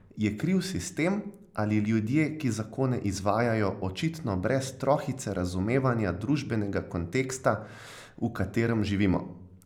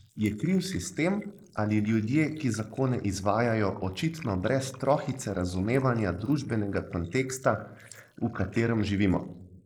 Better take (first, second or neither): first